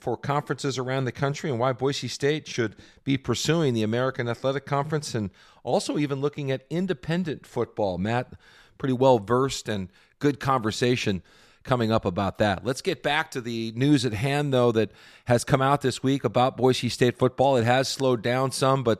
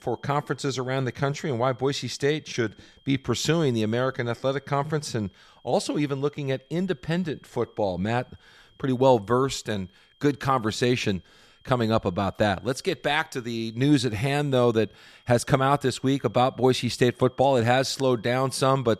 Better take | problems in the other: first | high-pitched whine; faint; throughout; 3 kHz, 35 dB below the speech

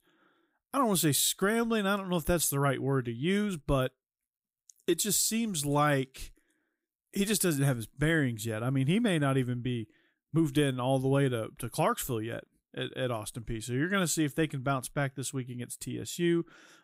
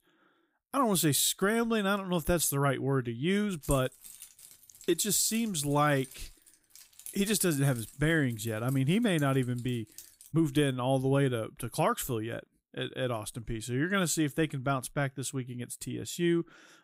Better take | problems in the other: first | jangling keys; faint; from 3.5 to 10 s; peak 10 dB below the speech

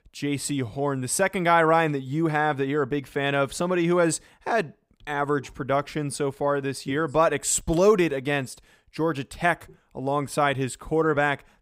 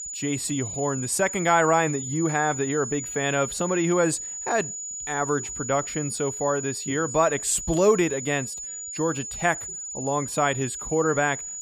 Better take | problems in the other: first | high-pitched whine; loud; throughout; 7 kHz, 6 dB below the speech

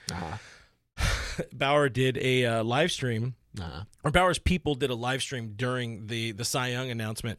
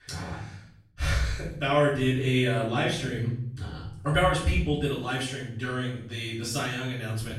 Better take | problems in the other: first | off-mic speech; far // room echo; noticeable; dies away in 0.6 s

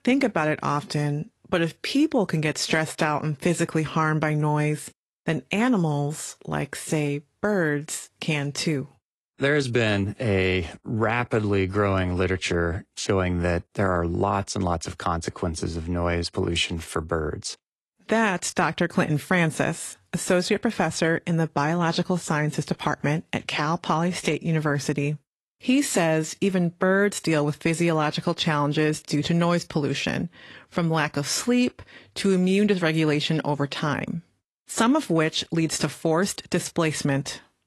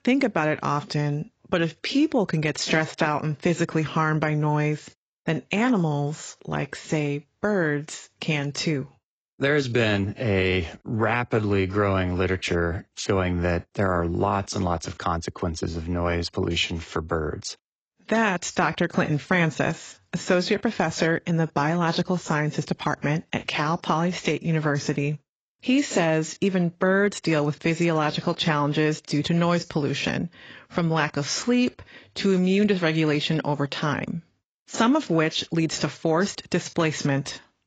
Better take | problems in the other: first | garbled, watery; badly; nothing above 7.5 kHz; slightly in the first

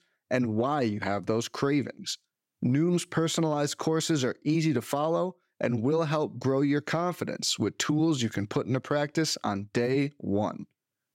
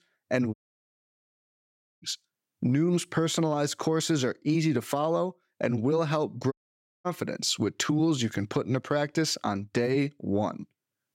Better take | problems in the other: first | audio cutting out; at 0.5 s for 1.5 s and at 6.5 s for 0.5 s

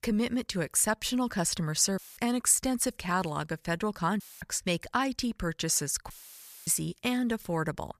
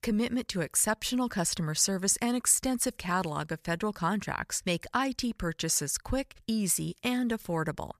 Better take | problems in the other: second | audio cutting out; filled with static; at 2 s, at 4 s and at 6 s for 0.5 s

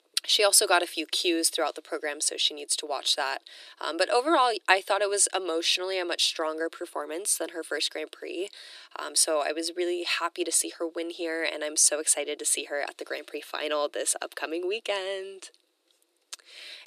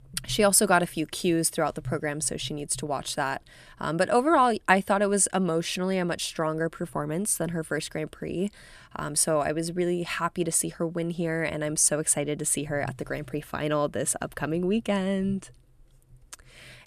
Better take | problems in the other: second | thin; very; fading below 350 Hz

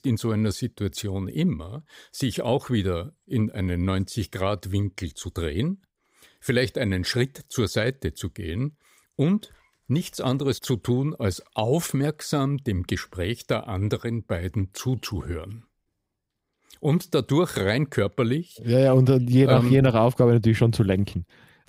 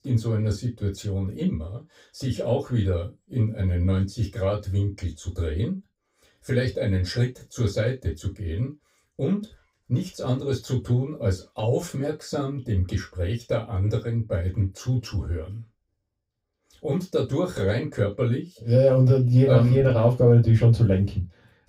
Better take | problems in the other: first | room echo; very slight; dies away in 0.2 s // off-mic speech; far

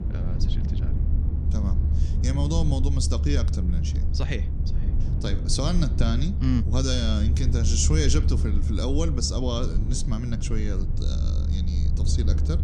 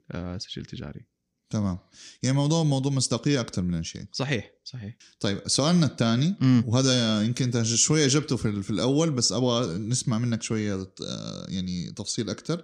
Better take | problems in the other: second | low rumble; loud; throughout; 9 dB below the speech

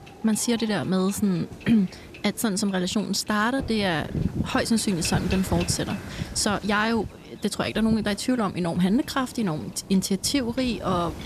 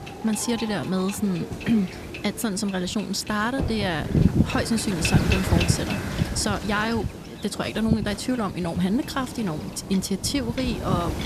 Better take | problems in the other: first | wind noise on the microphone; heavy; 5 dB below the speech; occasional gusts in the first

